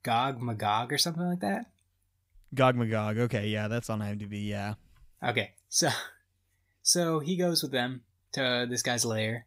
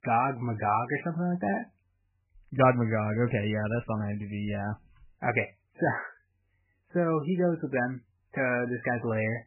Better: first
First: none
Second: garbled, watery; badly; nothing above 2.5 kHz

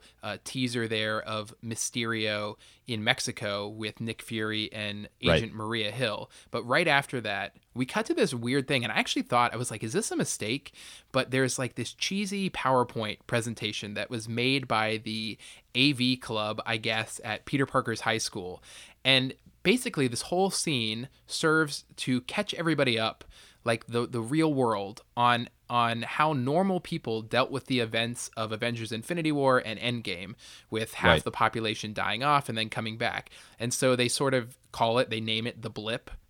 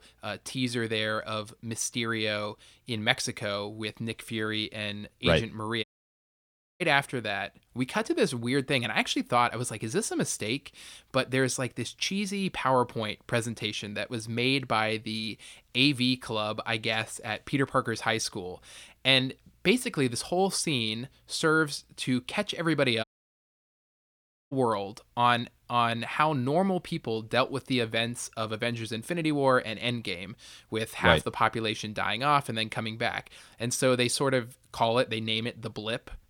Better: first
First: none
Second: audio cutting out; at 6 s for 1 s and at 23 s for 1.5 s

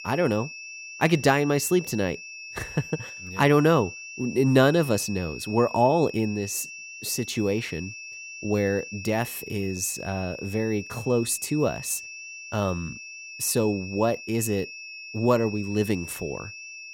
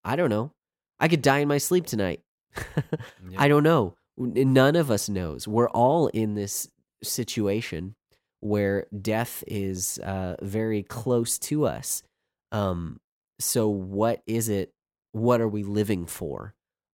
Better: second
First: high-pitched whine; noticeable; throughout; 2.5 kHz, 10 dB below the speech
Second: none

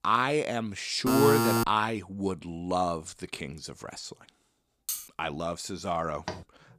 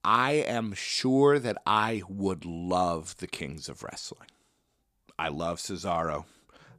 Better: second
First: alarm; loud; at 1 s; peak 5 dB above the speech // clattering dishes; noticeable; at 5 s; peak 5 dB below the speech // door banging; faint; at 6.5 s; peak 10 dB below the speech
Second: none

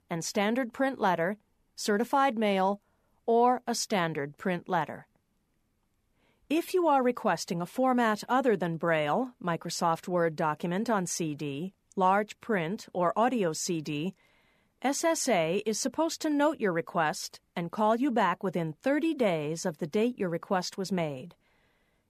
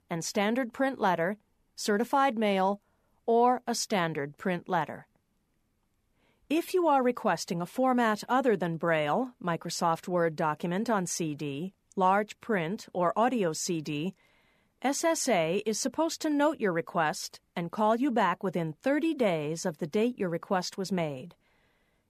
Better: neither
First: none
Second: none

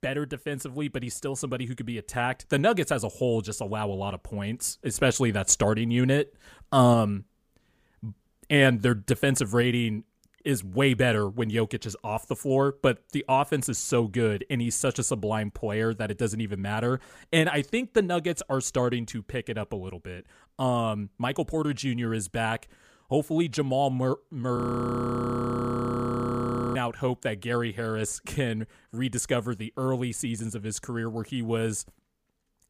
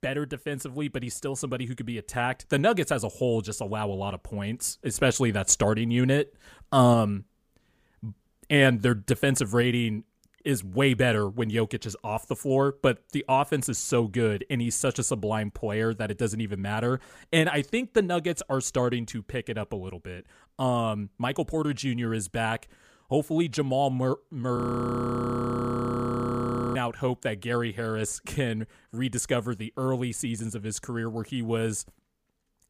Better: neither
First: audio freezing; at 25 s for 2 s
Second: audio freezing; at 25 s for 2 s

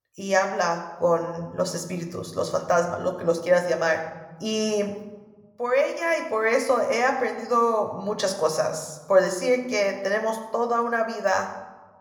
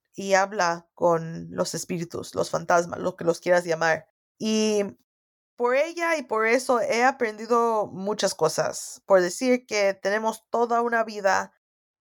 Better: second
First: room echo; slight; dies away in 1 s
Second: none

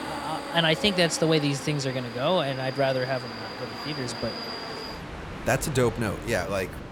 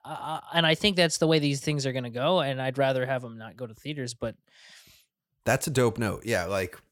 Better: second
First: train or aircraft noise; loud; throughout; 9 dB below the speech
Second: none

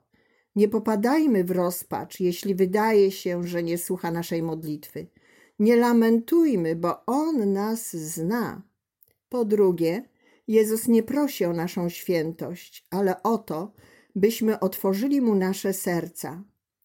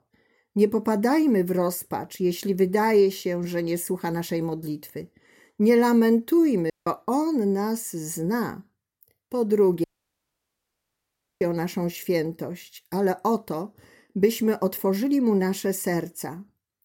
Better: first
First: none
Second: audio cutting out; at 6.5 s and at 10 s for 1.5 s

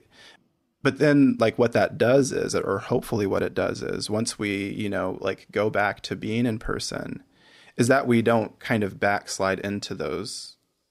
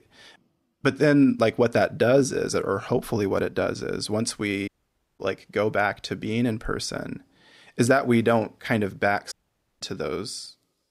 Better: first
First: none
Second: audio cutting out; at 4.5 s for 0.5 s and at 9.5 s

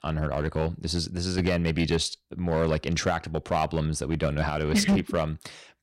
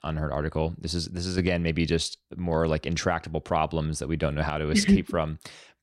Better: second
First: distortion; slight; 4% of the sound clipped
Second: none

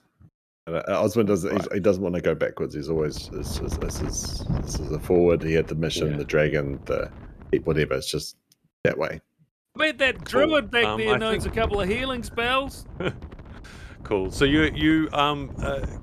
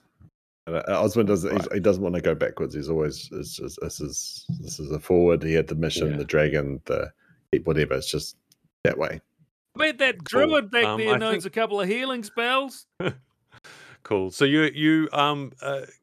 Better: second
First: wind noise on the microphone; occasional gusts; from 3 to 8 s and from 10 s on; 20 dB below the speech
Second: none

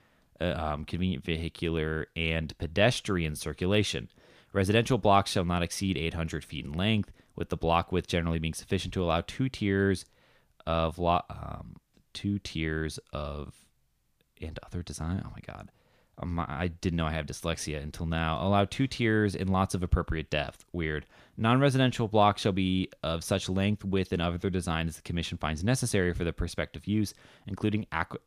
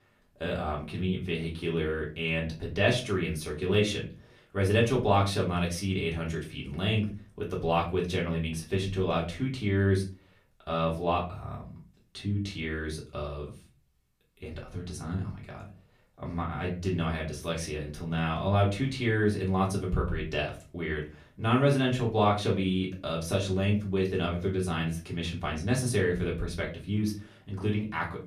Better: first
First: none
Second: off-mic speech; far // room echo; very slight; dies away in 0.3 s

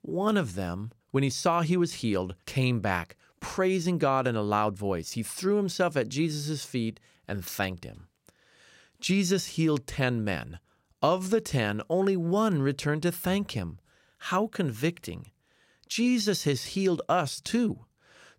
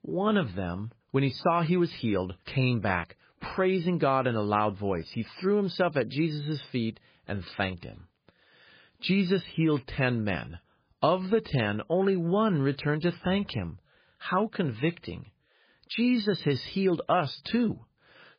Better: first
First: none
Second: garbled, watery; badly; nothing above 5 kHz

